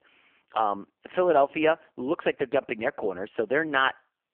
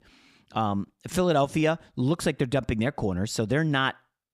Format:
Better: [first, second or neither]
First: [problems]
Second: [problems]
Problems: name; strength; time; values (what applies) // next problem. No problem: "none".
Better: second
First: phone-call audio; poor line; nothing above 3 kHz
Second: none